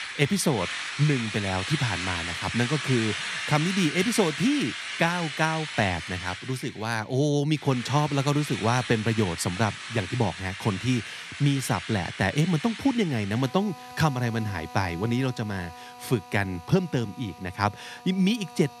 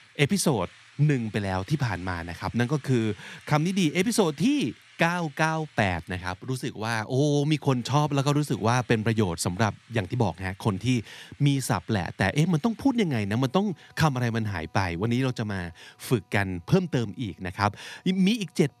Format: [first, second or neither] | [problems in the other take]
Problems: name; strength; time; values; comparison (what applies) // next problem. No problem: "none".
second | machinery noise; loud; throughout; 7 dB below the speech; faint in the second